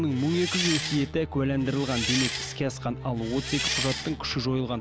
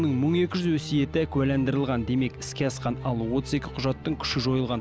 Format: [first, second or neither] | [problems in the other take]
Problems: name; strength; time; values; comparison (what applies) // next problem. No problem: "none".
second | background sound (Engine); 5 dB below the speech